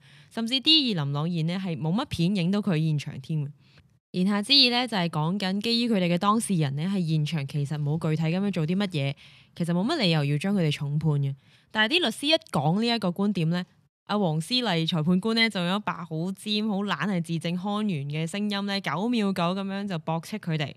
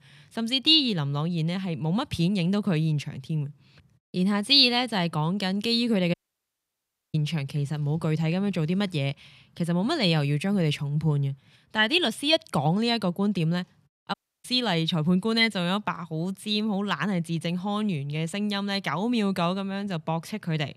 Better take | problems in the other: first | audio cutting out; at 6 s for 1 s and at 14 s

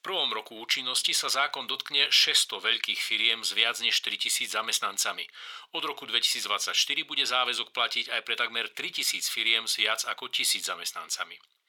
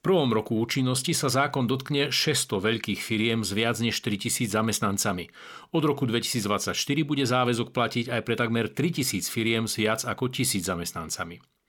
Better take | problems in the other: second | thin; very; fading below 800 Hz

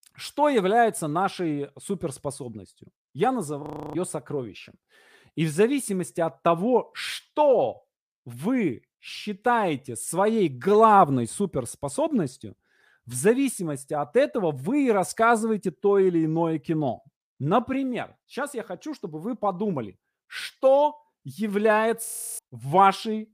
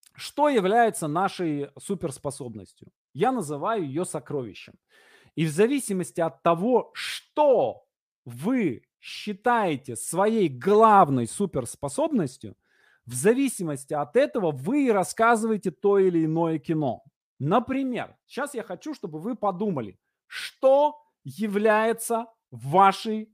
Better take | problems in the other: second | audio freezing; at 3.5 s and at 22 s

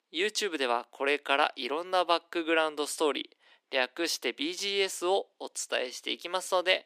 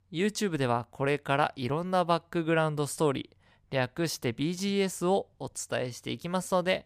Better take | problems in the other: second | thin; somewhat; fading below 300 Hz

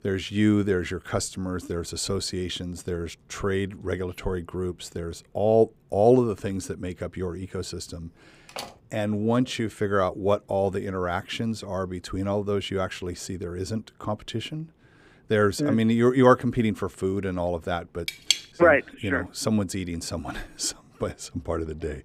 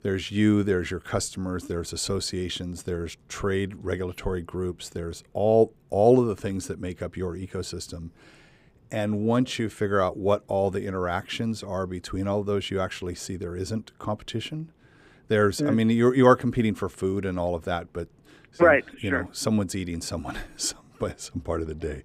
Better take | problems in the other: second | door banging; faint; at 8.5 s; peak 10 dB below the speech // clattering dishes; loud; at 18 s; peak 2 dB above the speech

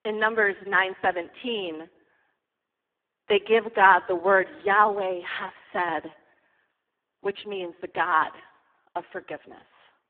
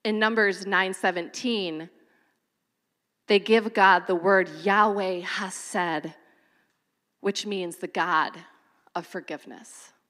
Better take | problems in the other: second | phone-call audio; poor line

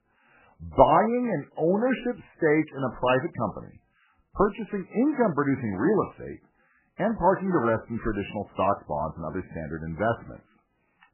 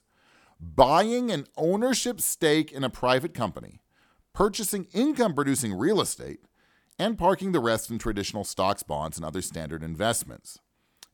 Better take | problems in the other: second | garbled, watery; badly; nothing above 3 kHz

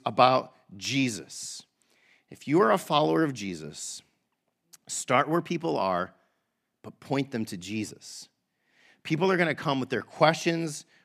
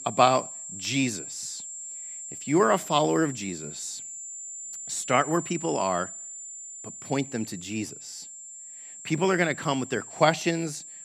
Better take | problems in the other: first | high-pitched whine; noticeable; throughout; 7.5 kHz, 10 dB below the speech

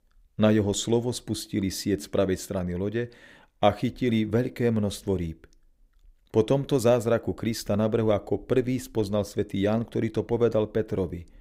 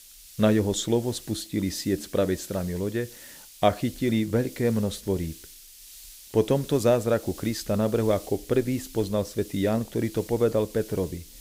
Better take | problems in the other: first | hiss; noticeable; throughout; 20 dB below the speech

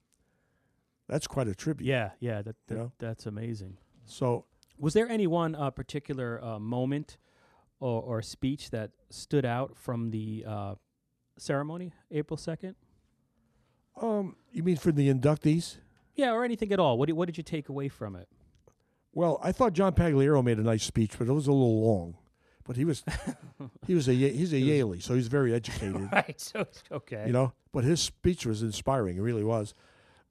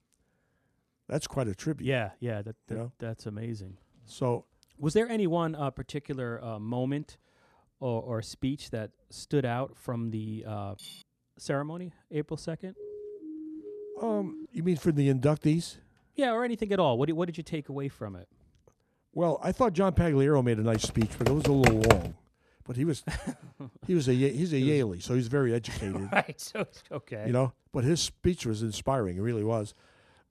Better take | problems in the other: first | clattering dishes; faint; at 11 s; peak 15 dB below the speech // siren; faint; from 13 to 14 s; peak 10 dB below the speech // keyboard typing; loud; from 21 to 22 s; peak 6 dB above the speech

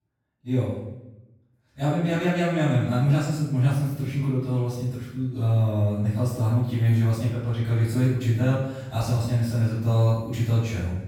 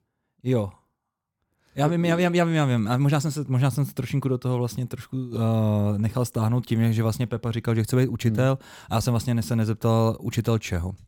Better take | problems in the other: second | off-mic speech; far // room echo; strong; dies away in 0.8 s

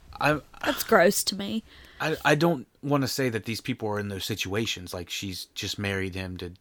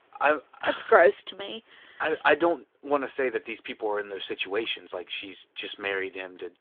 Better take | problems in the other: first | phone-call audio; nothing above 3.5 kHz

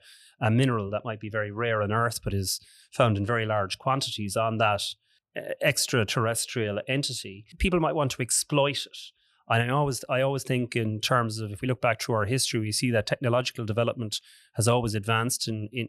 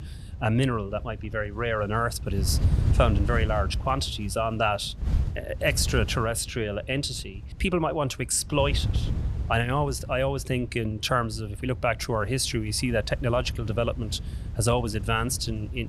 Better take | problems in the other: first | wind noise on the microphone; occasional gusts; 20 dB below the speech

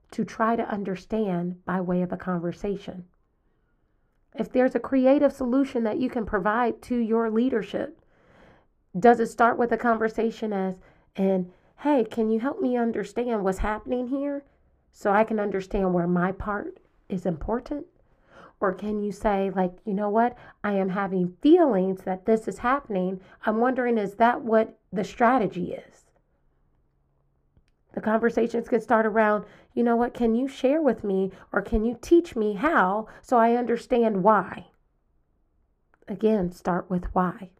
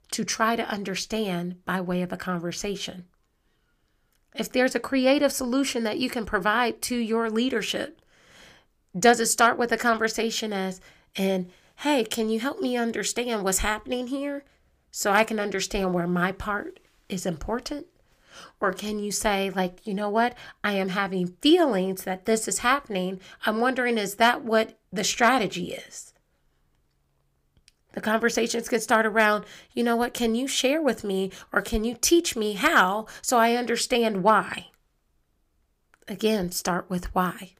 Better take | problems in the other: second | muffled; very; fading above 2 kHz

